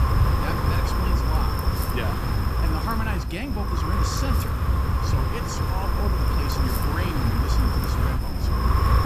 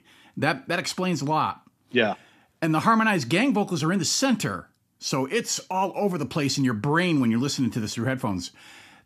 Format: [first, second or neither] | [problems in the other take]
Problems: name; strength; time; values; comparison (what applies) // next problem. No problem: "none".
second | wind noise on the microphone; heavy; 5 dB above the speech